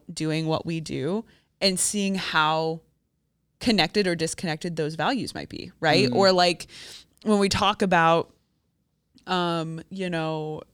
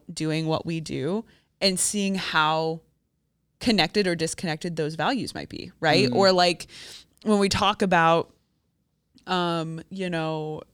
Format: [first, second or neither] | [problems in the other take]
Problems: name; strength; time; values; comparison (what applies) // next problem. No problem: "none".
neither | none